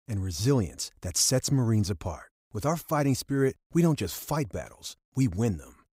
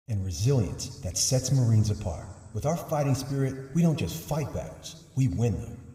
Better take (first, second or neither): first